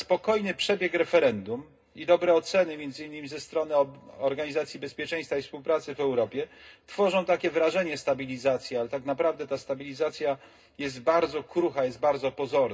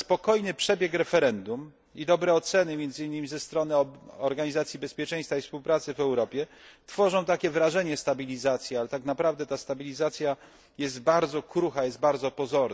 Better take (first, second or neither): second